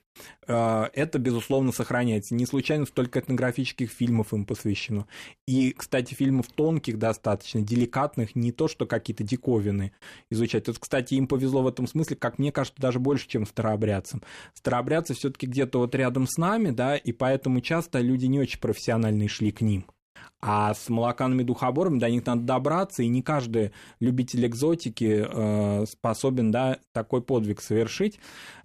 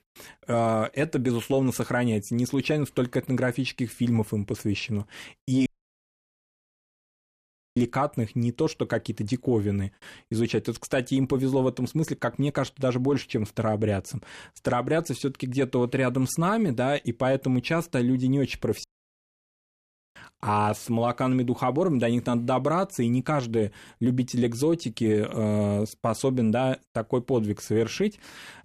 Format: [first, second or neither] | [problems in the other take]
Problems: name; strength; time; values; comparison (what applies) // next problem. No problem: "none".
first | audio cutting out; at 5.5 s for 2 s and at 19 s for 1.5 s